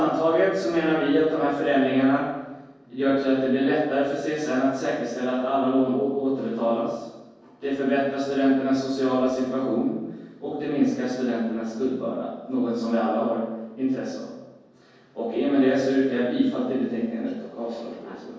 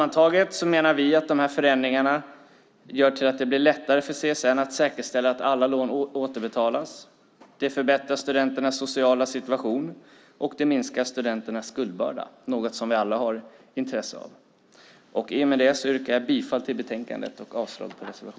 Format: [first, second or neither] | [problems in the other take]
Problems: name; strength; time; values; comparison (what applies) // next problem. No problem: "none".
second | room echo; dies away in 1.3 s